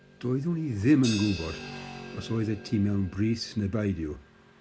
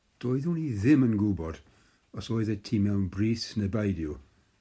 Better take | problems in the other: second | background sound (Crash cymbal + Motorcycle / Traffic noise, roadway noise); 15 dB below the speech

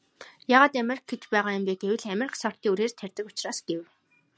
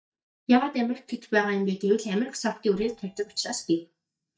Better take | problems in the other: first | noise reduction (neural mask model DeepFilterNet 3)

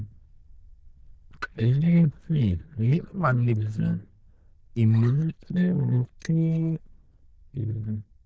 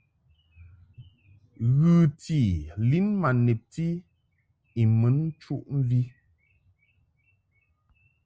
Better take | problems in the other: second | noise reduction (neural diffusion model UNIVERSE++)

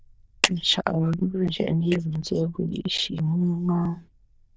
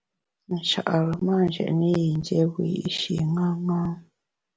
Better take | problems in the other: second | noise reduction (neural diffusion model UNIVERSE++)

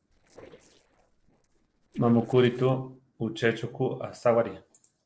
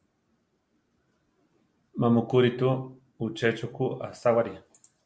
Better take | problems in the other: second | noise reduction (neural separator model SepFormer DNS4)

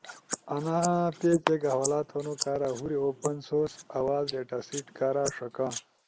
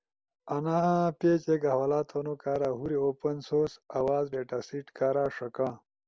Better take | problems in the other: second | noise reduction (neural mask model Resemble Enhance denoiser)

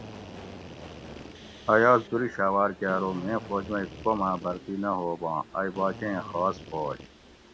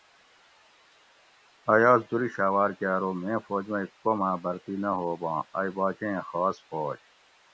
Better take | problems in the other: second | background sound (Subway, metro, underground + Drill); 15 dB below the speech

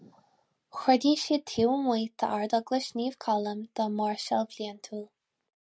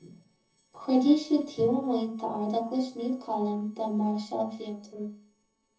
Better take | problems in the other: first | noise reduction (neural separator model SepFormer DNS4)

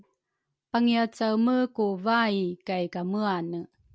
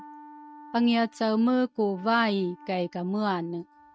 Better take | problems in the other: first | noise reduction (neural mask model RNNoise)

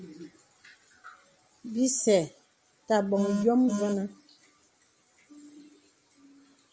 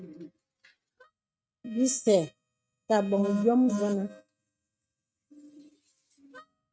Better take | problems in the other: first | noise reduction (neural mask model RNNoise)

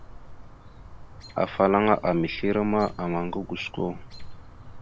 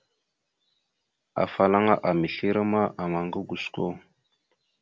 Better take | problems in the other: second | background sound (Chirp, tweet); 13 dB below the speech

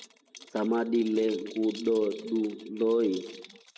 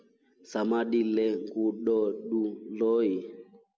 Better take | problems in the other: second | noise reduction (neural mask model RNNoise)

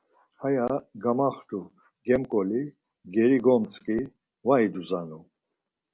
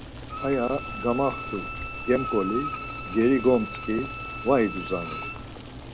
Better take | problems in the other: first | background sound (Bowed string instrument + Boiling); 8 dB below the speech

